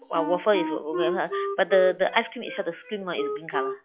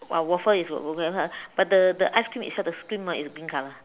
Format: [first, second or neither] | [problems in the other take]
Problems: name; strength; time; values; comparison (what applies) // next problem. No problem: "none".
second | noise reduction (classical method log-MMSE)